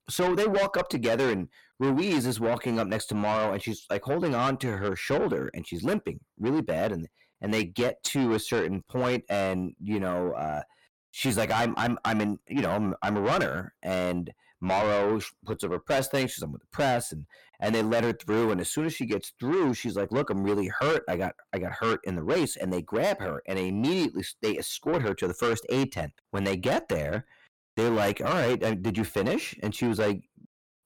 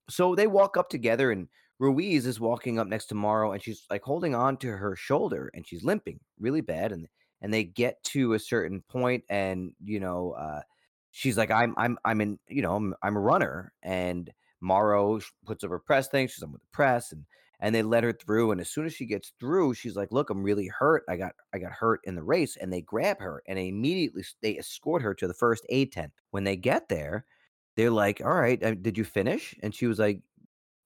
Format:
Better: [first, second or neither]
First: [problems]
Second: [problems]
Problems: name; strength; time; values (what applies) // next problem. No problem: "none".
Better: second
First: distortion; heavy; 6 dB below the speech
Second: none